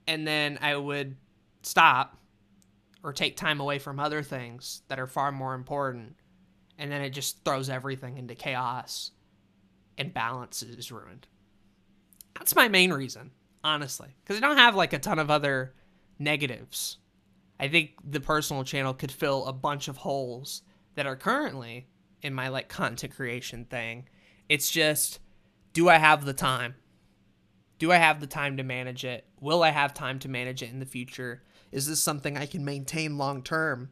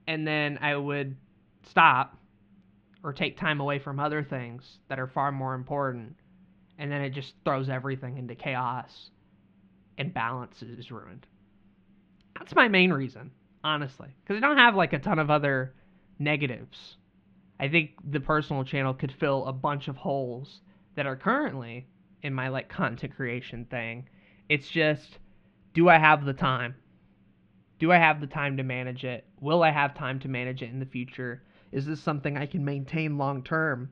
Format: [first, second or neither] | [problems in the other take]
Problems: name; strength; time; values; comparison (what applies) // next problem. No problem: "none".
first | muffled; very; fading above 3 kHz